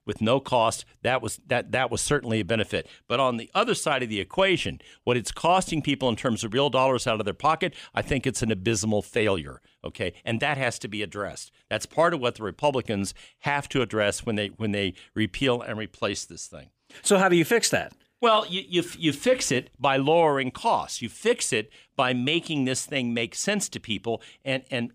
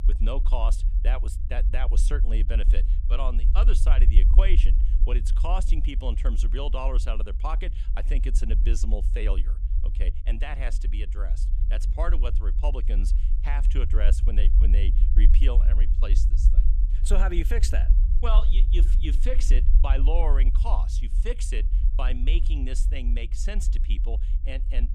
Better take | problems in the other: first | low rumble; noticeable; throughout; 10 dB below the speech

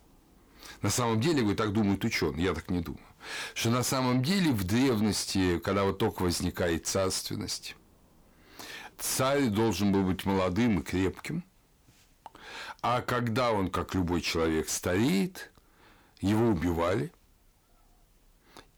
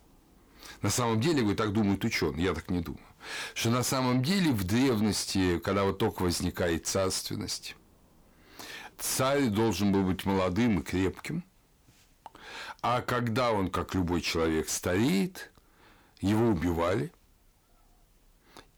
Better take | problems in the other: neither | distortion; slight; 10 dB below the speech; the same in both

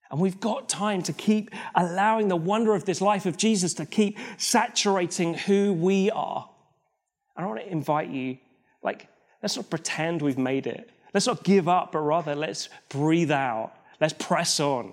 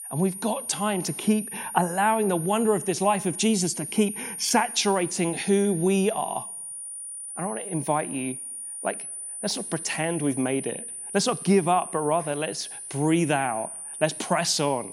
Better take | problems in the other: first | high-pitched whine; loud; throughout; 9.5 kHz, 8 dB below the speech

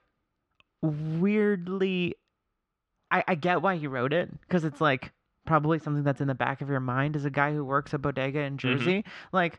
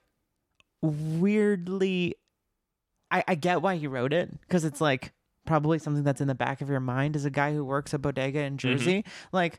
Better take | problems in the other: second | muffled; slightly; fading above 3 kHz

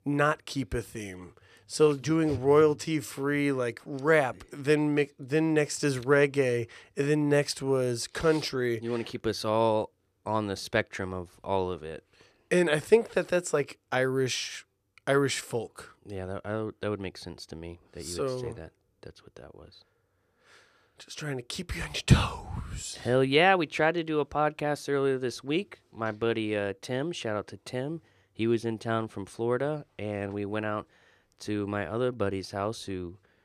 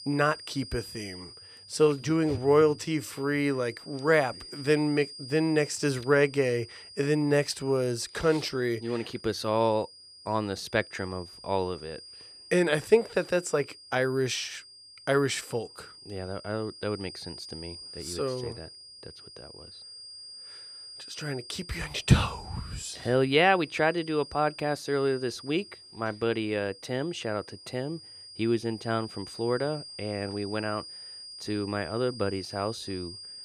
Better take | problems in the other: first | high-pitched whine; noticeable; throughout; 5 kHz, 15 dB below the speech

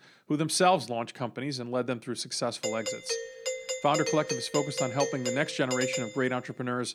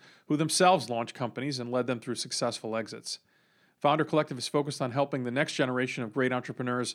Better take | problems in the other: second | doorbell; noticeable; from 2.5 to 6 s; peak 1 dB below the speech

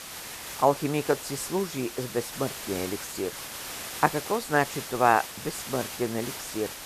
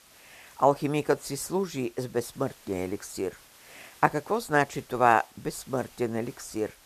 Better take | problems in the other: second | hiss; loud; throughout; 8 dB below the speech; faint in the second

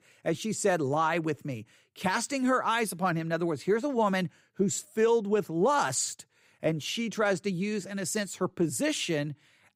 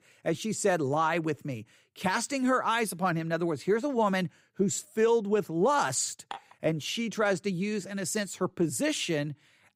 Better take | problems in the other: first | clattering dishes; faint; at 6.5 s; peak 15 dB below the speech

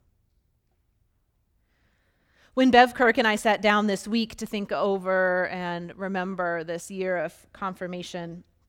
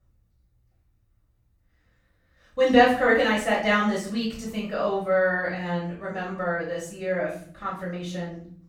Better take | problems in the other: first | off-mic speech; far // room echo; noticeable; dies away in 0.6 s

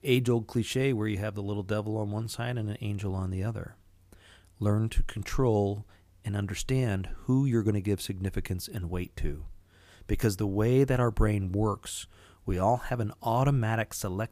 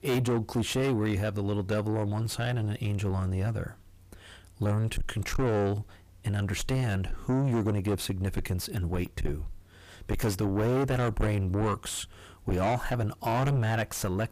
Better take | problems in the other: first | distortion; heavy; 6 dB below the speech

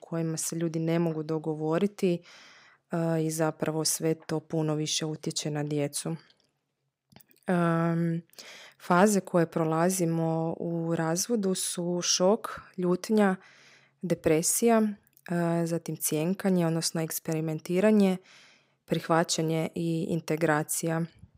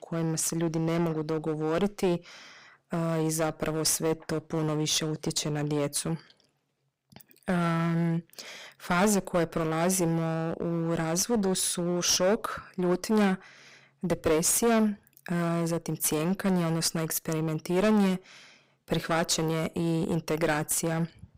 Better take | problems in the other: first | distortion; heavy; 10% of the sound clipped

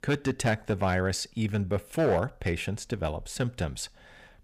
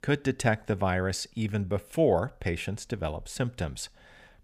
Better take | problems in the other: second | distortion; slight; 3% of the sound clipped

